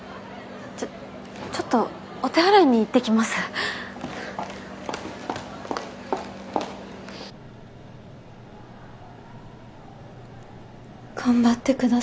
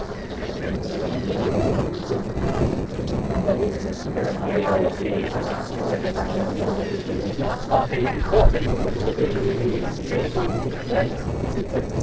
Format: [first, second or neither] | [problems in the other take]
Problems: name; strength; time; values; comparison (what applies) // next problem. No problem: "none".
first | noise reduction (neural separator model SepFormer DNS4)